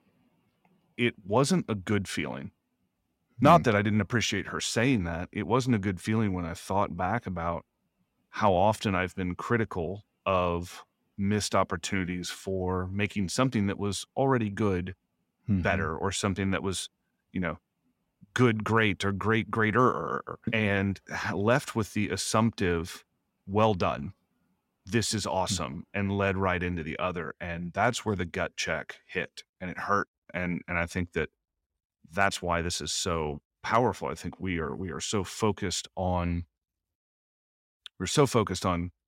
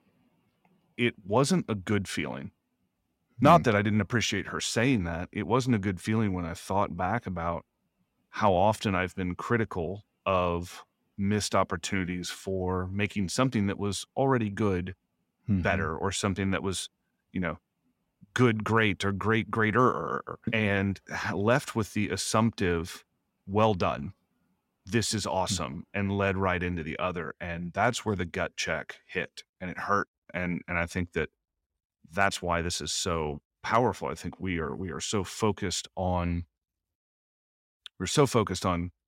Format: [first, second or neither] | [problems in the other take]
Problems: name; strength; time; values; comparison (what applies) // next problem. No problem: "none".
neither | none